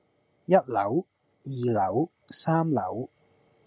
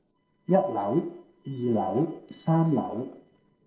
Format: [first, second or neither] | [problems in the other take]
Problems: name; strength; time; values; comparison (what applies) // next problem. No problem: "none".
first | noise reduction (neural separator model SepFormer DNS4)